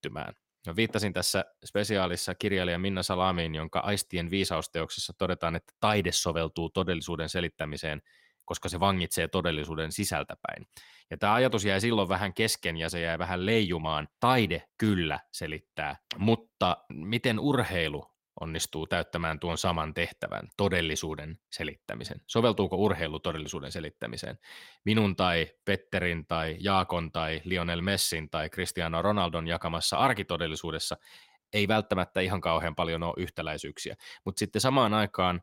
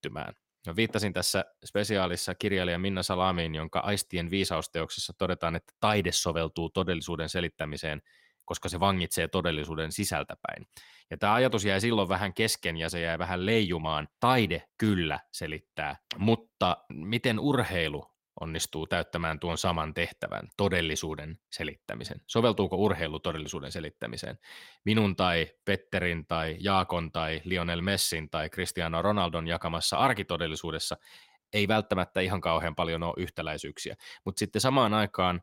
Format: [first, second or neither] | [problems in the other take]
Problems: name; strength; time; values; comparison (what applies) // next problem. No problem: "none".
neither | none